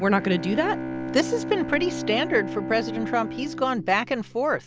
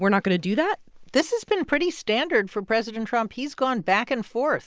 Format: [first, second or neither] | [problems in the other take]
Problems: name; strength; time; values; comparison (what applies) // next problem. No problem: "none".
second | background sound (Bowed string instrument); 7 dB below the speech